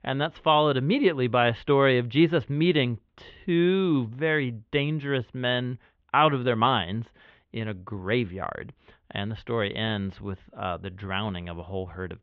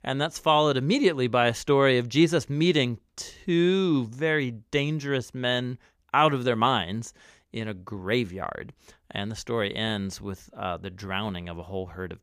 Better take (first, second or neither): second